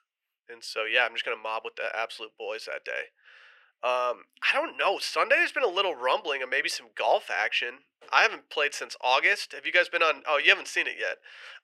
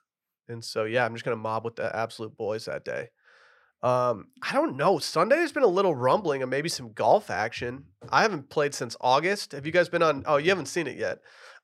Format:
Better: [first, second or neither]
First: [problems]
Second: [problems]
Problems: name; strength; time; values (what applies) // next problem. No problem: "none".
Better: second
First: thin; very; fading below 450 Hz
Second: none